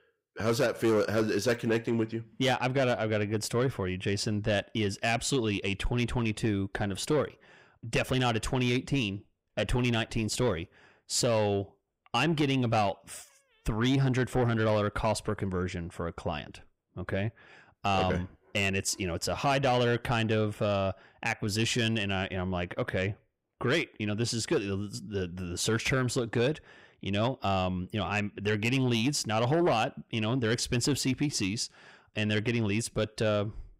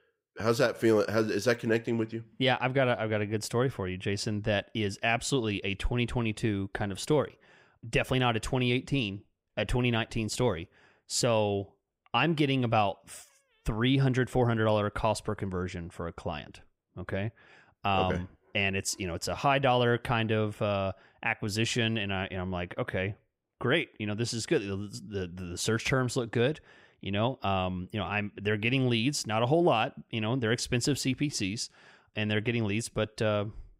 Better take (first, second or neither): second